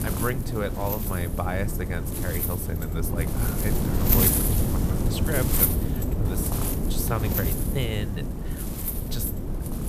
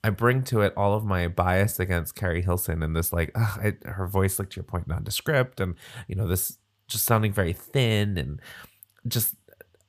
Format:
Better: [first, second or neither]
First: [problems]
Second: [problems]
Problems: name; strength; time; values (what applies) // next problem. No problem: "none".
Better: second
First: wind noise on the microphone; heavy; 1 dB above the speech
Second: none